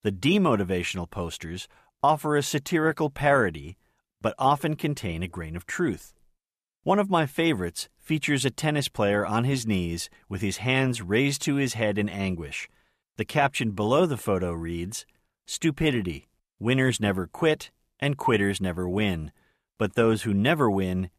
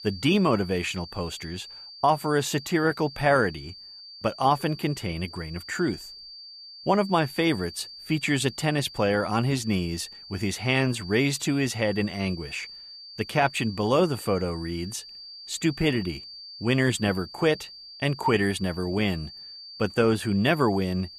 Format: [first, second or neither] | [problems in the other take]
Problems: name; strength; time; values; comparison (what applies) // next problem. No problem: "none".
first | high-pitched whine; noticeable; throughout; 4.5 kHz, 15 dB below the speech